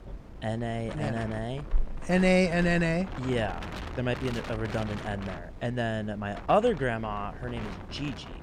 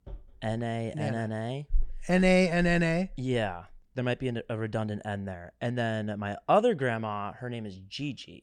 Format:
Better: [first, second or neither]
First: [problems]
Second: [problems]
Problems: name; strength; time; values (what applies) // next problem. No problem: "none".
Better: second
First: wind noise on the microphone; occasional gusts; 10 dB below the speech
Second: none